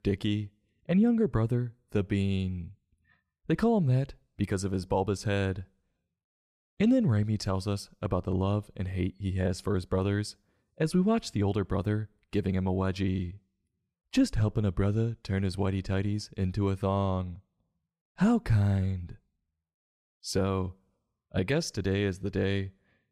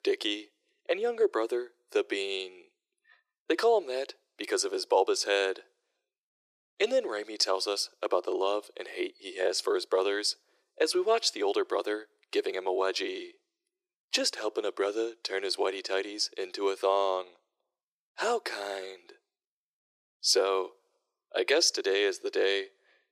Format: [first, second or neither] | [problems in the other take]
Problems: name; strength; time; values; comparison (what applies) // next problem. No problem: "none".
first | thin; very; fading below 350 Hz